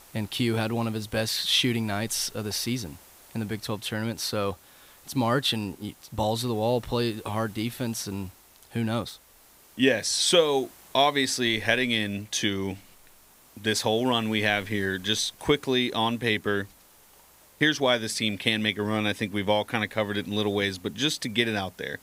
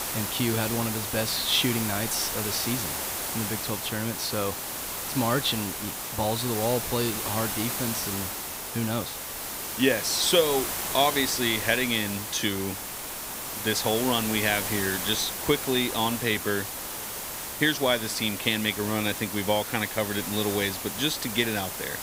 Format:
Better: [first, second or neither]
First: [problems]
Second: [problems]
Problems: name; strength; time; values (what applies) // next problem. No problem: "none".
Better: first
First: hiss; faint; throughout; 25 dB below the speech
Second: hiss; loud; throughout; 3 dB below the speech